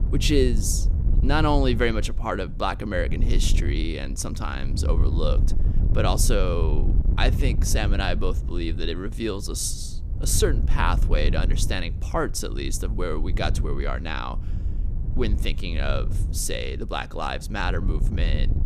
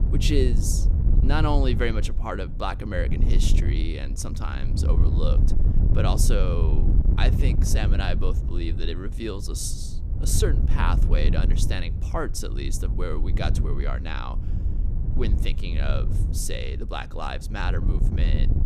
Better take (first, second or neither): first